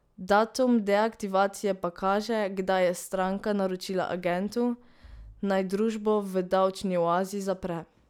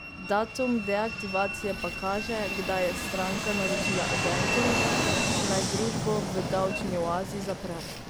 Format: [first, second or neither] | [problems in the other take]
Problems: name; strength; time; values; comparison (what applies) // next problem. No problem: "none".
first | background sound (Train + Fixed-wing aircraft, airplane); 1 dB above the speech